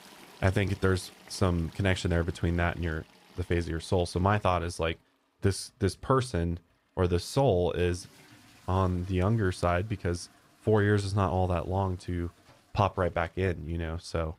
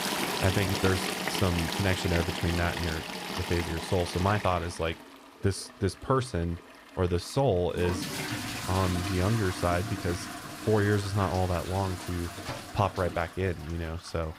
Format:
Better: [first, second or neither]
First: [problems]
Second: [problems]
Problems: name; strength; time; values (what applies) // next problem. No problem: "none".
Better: first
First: household noises; faint; throughout; 25 dB below the speech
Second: household noises; loud; throughout; 4 dB below the speech